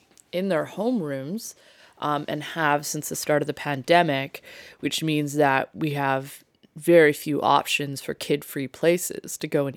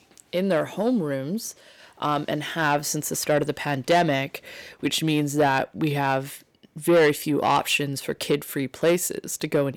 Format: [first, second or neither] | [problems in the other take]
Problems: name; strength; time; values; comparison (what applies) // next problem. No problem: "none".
first | distortion; slight; 10 dB below the speech